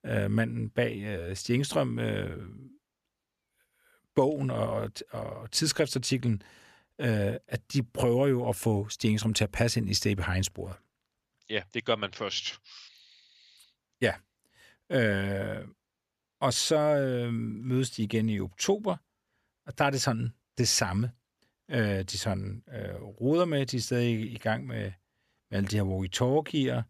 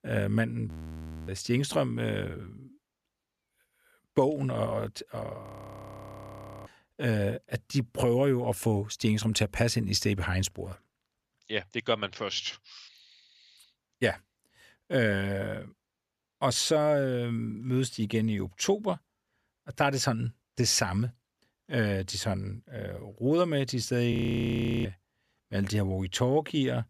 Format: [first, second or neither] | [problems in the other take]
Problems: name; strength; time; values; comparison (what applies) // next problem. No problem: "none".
first | audio freezing; at 0.5 s for 0.5 s, at 5.5 s for 1 s and at 24 s for 0.5 s